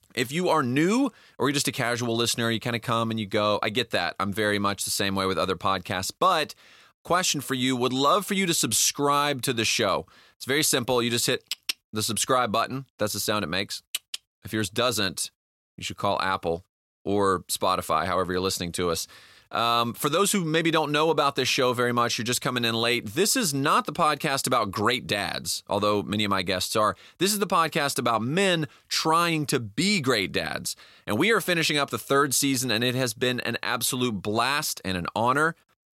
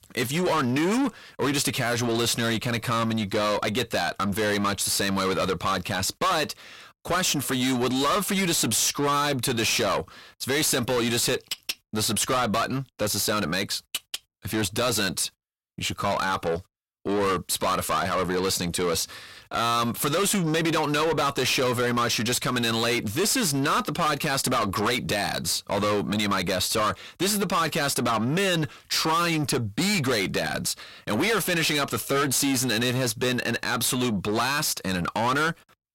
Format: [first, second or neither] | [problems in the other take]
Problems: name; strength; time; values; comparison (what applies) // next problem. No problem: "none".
first | distortion; heavy; 7 dB below the speech